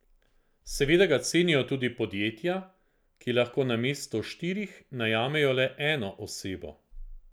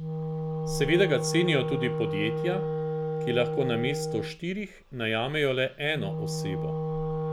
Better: first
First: none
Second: background sound (Wind instrument, woodwind instrument); 2 dB below the speech

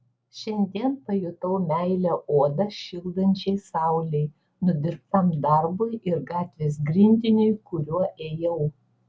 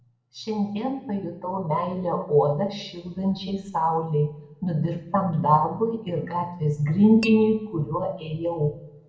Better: first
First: none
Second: background sound (Tap / Glass); 15 dB below the speech // room echo; dies away in 0.6 s

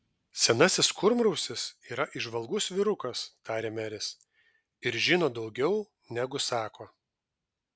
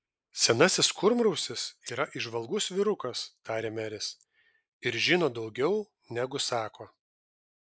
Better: first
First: none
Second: noise reduction (neural mask model Resemble Enhance denoiser)

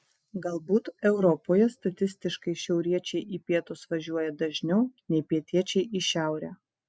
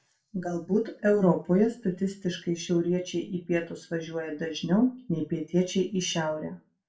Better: first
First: none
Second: room echo; dies away in 0.3 s

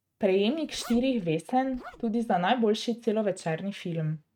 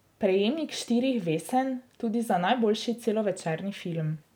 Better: second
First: noise reduction (neural mask model RNNoise)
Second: none

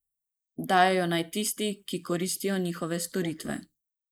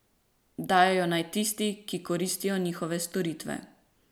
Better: second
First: noise reduction (neural mask model Resemble Enhance denoiser)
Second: none

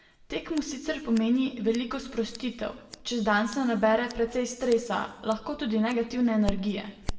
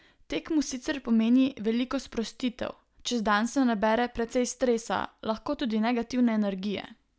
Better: second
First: background sound (Scissors); 14 dB below the speech // room echo; dies away in 0.8 s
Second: none

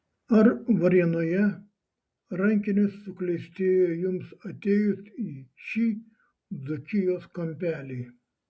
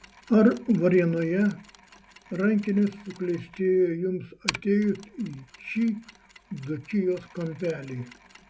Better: first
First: none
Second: background sound (Mechanisms); 18 dB below the speech

